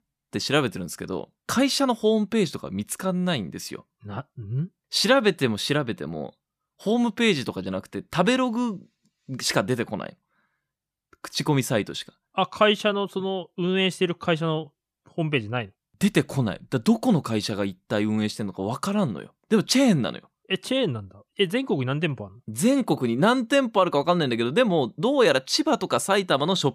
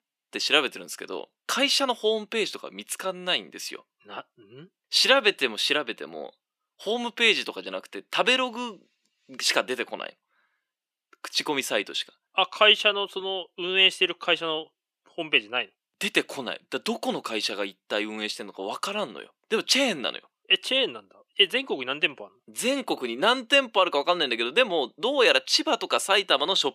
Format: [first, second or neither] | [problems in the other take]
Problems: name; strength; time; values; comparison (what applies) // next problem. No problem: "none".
first | thin; somewhat; fading below 350 Hz